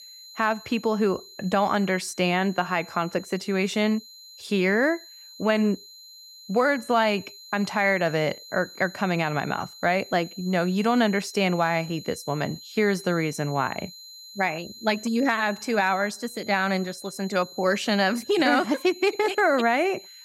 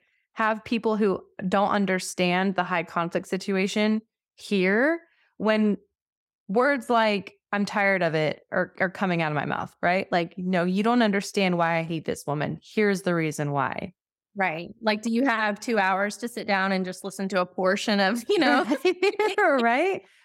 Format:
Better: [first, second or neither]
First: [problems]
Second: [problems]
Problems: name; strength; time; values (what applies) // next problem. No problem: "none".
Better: second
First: high-pitched whine; noticeable; throughout; 4 kHz, 20 dB below the speech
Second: none